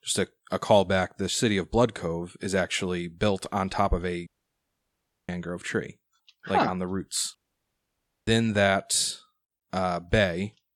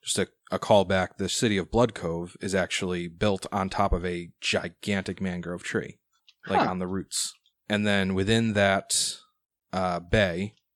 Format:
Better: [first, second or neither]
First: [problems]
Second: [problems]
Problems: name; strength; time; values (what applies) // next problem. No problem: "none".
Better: second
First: audio cutting out; at 4.5 s for 1 s and at 7.5 s for 1 s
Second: none